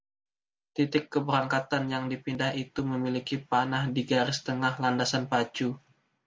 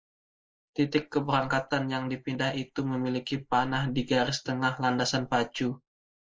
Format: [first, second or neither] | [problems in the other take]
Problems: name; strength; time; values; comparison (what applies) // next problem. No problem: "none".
first | noise reduction (neural mask model Resemble Enhance denoiser)